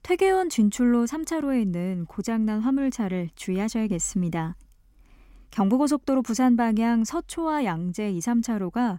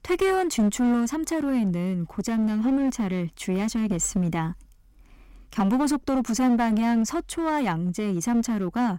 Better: first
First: none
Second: distortion; slight; 14% of the sound clipped

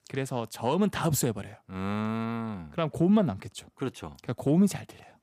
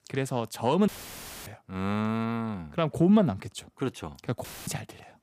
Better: first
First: none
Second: audio cutting out; filled with static; at 1 s for 0.5 s and at 4.5 s

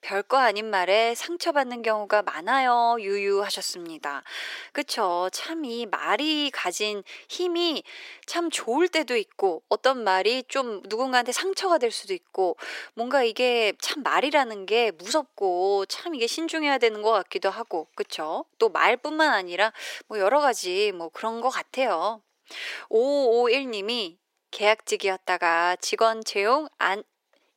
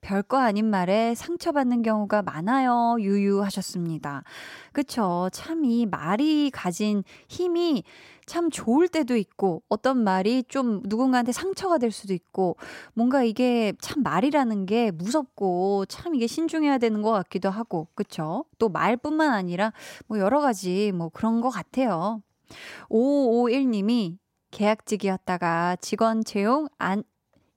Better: second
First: thin; very; fading below 400 Hz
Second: none

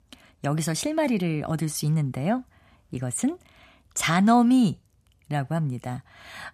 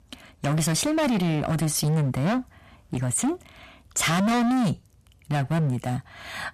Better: first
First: none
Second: distortion; heavy; 23% of the sound clipped

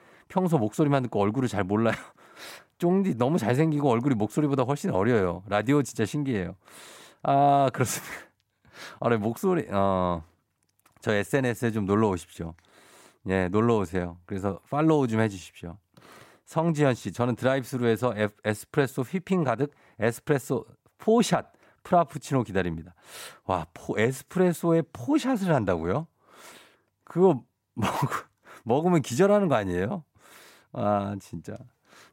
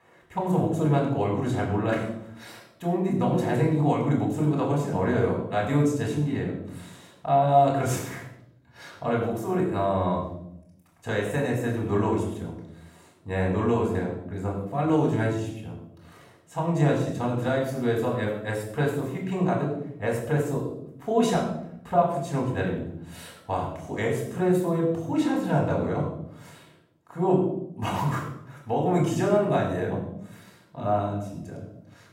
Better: first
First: none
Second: off-mic speech; far // room echo; noticeable; dies away in 0.8 s

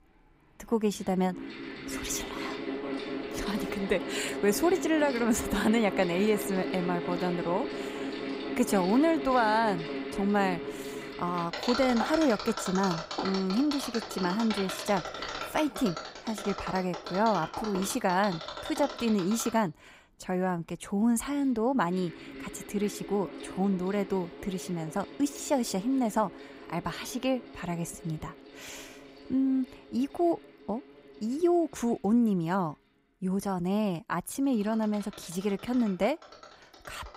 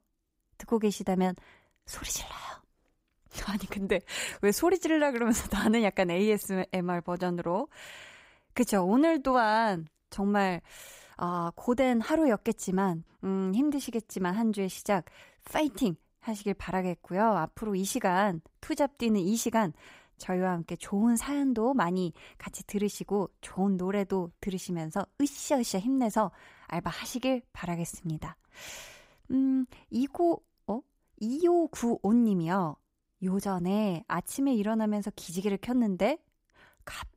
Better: second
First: machinery noise; loud; throughout; 8 dB below the speech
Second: none

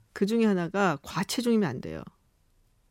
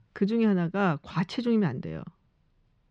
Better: first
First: none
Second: muffled; very slightly; fading above 4 kHz

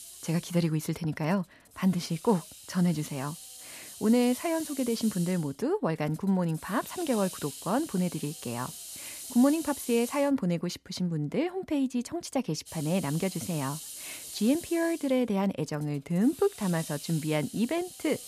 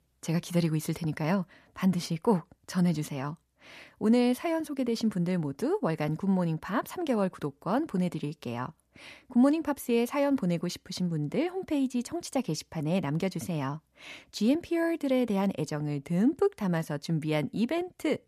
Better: second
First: hiss; noticeable; until 10 s and from 13 s on; 10 dB below the speech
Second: none

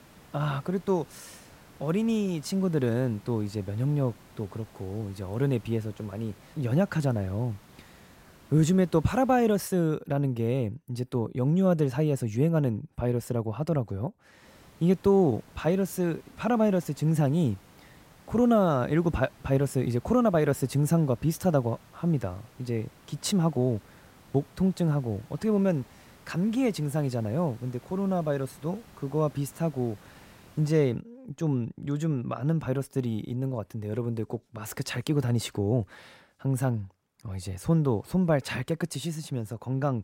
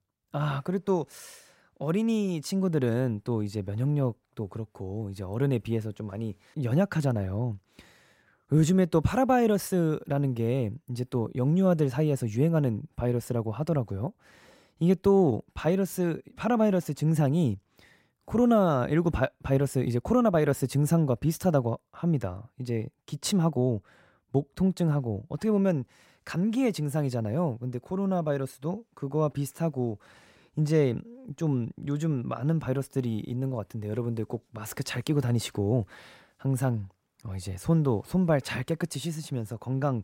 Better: second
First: hiss; faint; until 9.5 s and from 14 to 31 s; 25 dB below the speech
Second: none

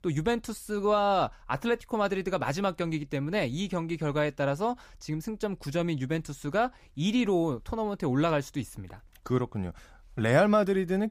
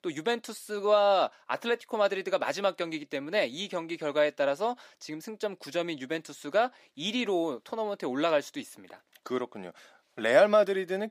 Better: first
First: none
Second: thin; somewhat; fading below 250 Hz

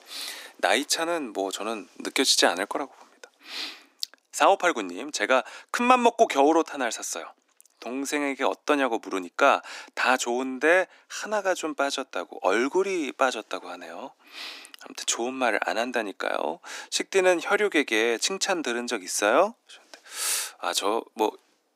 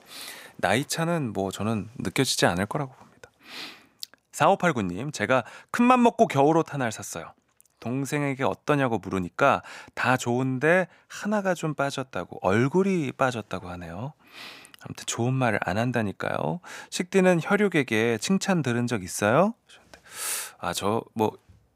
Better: second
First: thin; somewhat; fading below 300 Hz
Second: none

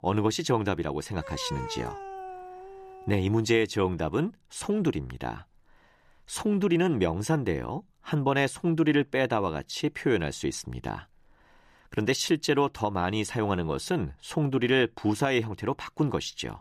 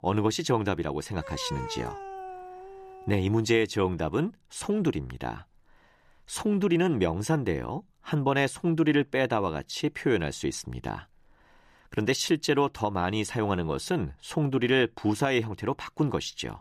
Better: neither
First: dog barking; noticeable; from 1 to 3.5 s; peak 9 dB below the speech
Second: dog barking; noticeable; from 1 to 3.5 s; peak 9 dB below the speech

